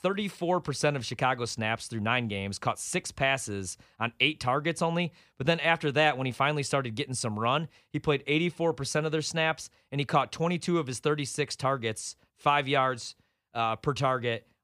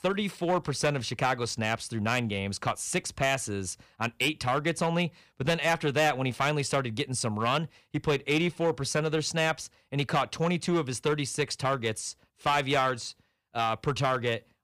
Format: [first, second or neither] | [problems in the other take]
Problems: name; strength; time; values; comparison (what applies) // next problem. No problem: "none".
first | distortion; slight; 4% of the sound clipped